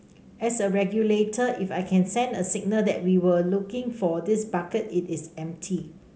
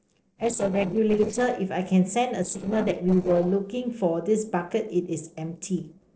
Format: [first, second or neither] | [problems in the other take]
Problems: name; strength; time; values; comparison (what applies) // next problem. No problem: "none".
first | noise reduction (neural separator model SepFormer DNS4)